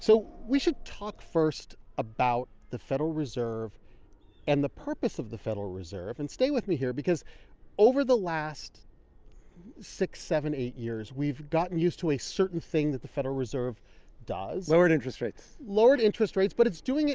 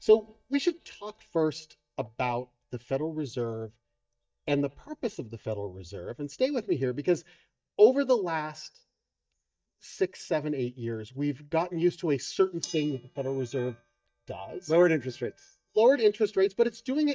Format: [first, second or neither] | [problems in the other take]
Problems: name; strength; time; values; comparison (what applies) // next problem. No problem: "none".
first | noise reduction (neural mask model DeepFilterNet 3)